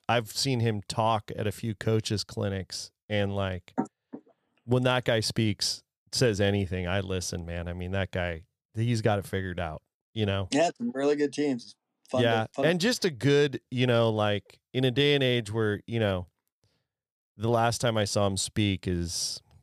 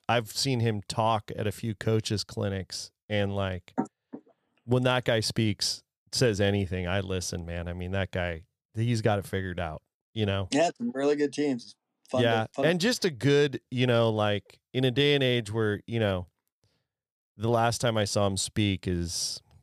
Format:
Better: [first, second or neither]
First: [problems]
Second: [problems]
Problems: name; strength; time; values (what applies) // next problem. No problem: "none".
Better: neither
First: none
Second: none